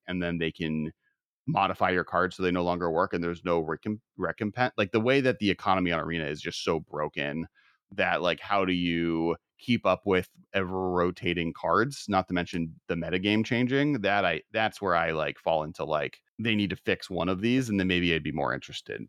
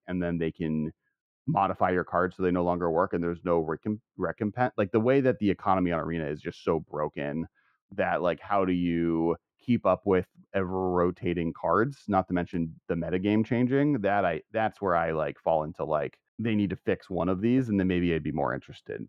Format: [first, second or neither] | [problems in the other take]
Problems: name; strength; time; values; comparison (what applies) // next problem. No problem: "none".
first | muffled; very; fading above 2 kHz